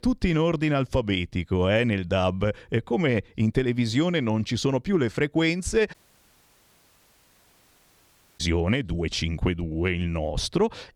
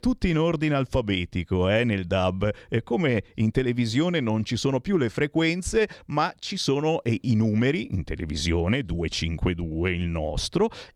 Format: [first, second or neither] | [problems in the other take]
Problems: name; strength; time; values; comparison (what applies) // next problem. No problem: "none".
second | audio cutting out; at 6 s for 2.5 s